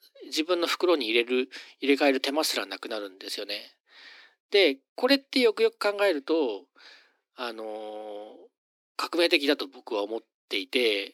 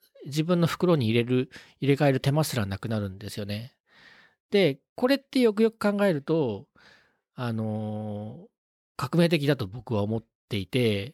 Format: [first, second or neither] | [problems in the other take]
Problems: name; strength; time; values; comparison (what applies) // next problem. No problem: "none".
second | thin; somewhat; fading below 250 Hz